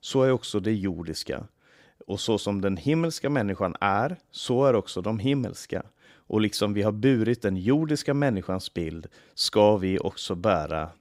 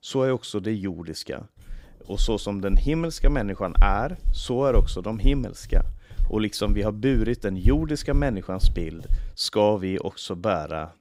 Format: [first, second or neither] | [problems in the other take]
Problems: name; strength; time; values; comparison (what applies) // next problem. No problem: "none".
first | footsteps; loud; from 2 to 9.5 s; peak 2 dB above the speech